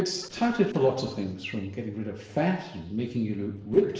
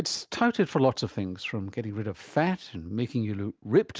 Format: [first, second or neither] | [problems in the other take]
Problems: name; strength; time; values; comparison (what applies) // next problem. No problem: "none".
second | noise reduction (neural separator model SepFormer DNS4)